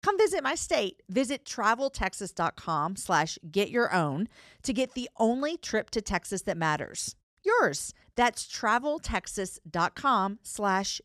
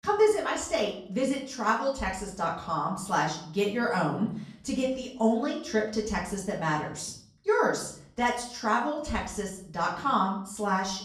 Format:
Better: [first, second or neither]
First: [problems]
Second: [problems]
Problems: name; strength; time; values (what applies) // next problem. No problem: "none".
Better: first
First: none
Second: off-mic speech; far // room echo; slight; dies away in 0.5 s